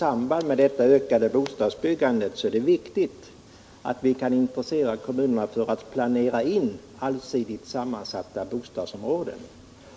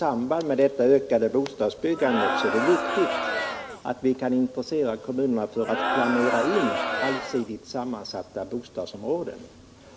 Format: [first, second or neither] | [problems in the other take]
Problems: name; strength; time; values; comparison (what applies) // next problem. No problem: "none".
first | background sound (Crowd); 2 dB below the speech